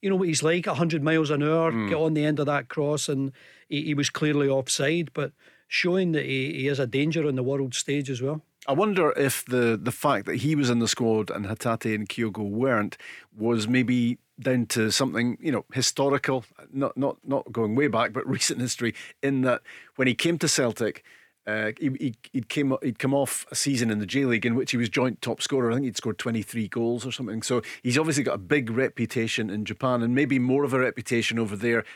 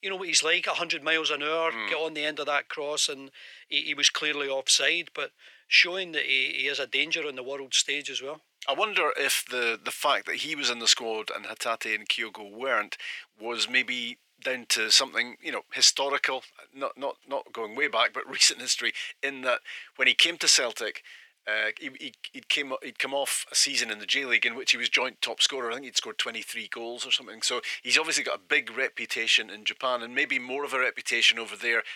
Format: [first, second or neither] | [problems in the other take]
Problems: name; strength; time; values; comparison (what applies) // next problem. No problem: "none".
first | thin; very; fading below 650 Hz